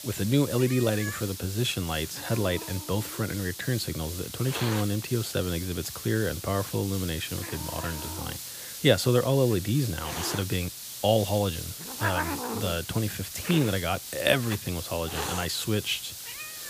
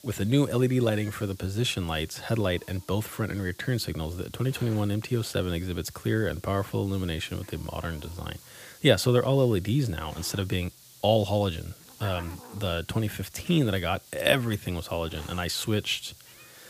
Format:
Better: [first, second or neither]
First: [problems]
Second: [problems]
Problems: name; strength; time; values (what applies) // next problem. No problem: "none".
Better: second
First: hiss; loud; throughout; 7 dB below the speech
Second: hiss; faint; throughout; 20 dB below the speech